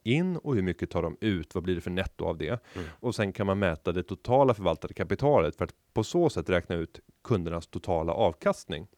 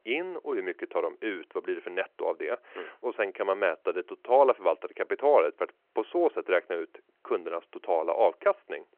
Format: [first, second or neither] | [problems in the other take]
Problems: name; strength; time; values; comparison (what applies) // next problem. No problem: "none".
first | phone-call audio